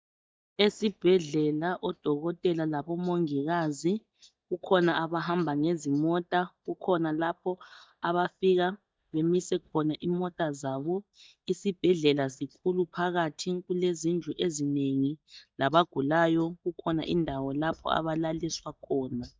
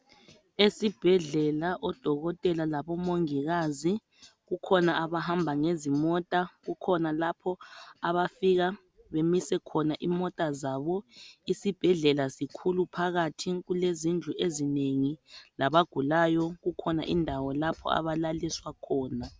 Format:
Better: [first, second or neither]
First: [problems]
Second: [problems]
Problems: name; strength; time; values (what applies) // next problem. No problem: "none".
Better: second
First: noise reduction (neural mask model DeepFilterNet 3)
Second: none